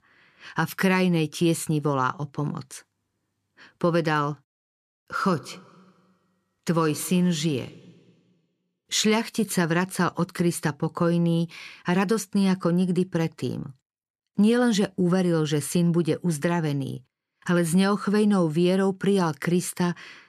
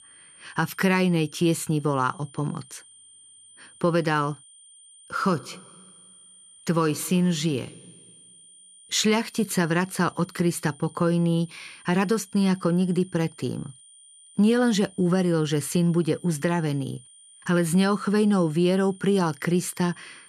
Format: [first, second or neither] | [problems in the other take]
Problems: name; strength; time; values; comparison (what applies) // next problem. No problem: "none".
first | high-pitched whine; faint; throughout; 9 kHz, 25 dB below the speech